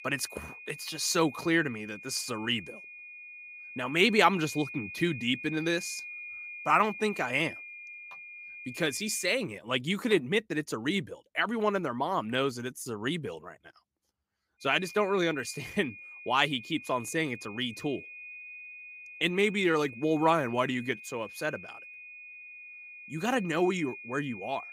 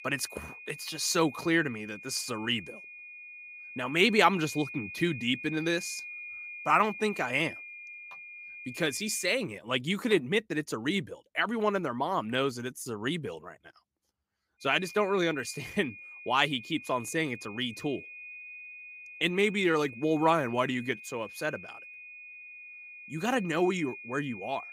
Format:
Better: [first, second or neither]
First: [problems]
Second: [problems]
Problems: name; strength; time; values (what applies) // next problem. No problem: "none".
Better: neither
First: high-pitched whine; noticeable; until 9.5 s and from 15 s on; 2.5 kHz, 15 dB below the speech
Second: high-pitched whine; noticeable; until 9.5 s and from 15 s on; 2.5 kHz, 15 dB below the speech